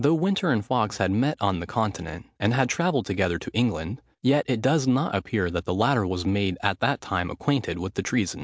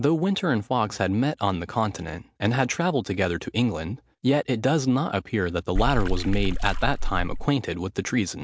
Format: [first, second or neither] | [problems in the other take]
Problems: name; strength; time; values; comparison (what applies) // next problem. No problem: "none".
first | background sound (Water / Splash, splatter); 1 dB above the speech